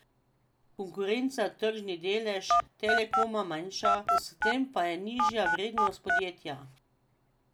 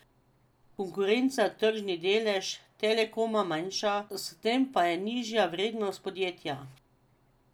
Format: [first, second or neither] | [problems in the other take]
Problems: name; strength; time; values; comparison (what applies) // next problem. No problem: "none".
second | background sound (Telephone); 4 dB above the speech